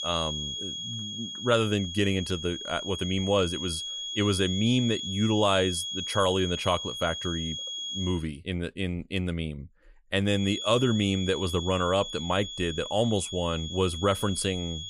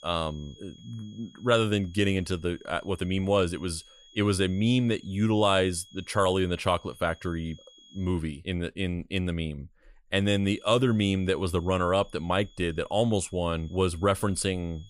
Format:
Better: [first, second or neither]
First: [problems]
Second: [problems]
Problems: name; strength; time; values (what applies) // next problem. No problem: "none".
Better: second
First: high-pitched whine; loud; until 8 s and from 10 s on; 3.5 kHz, 6 dB below the speech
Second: high-pitched whine; faint; until 8 s and from 10 s on; 3.5 kHz, 25 dB below the speech